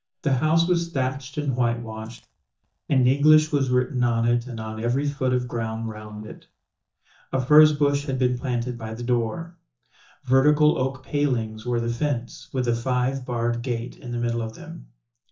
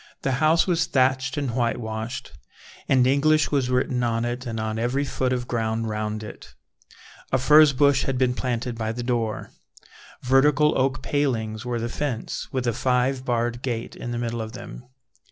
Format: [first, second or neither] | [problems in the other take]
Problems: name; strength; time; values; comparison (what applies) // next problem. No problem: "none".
second | noise reduction (neural mask model DeepFilterNet 3)